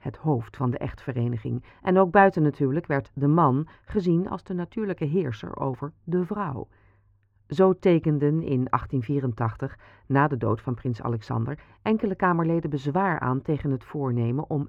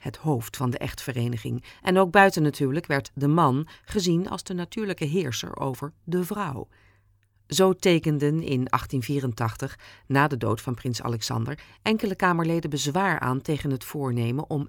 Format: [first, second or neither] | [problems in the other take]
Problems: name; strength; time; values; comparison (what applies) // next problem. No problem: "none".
second | muffled; very; fading above 3.5 kHz